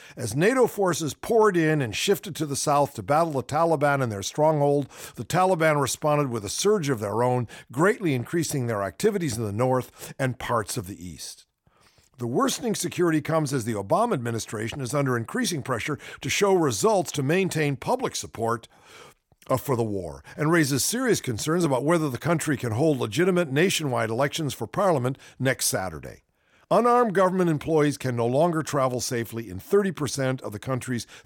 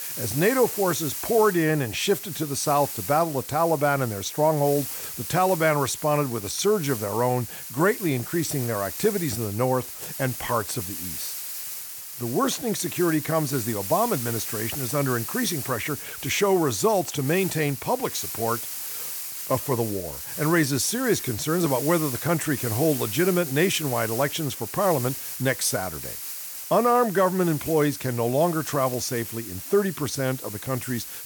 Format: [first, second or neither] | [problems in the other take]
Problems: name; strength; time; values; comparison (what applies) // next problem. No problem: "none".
first | hiss; loud; throughout; 7 dB below the speech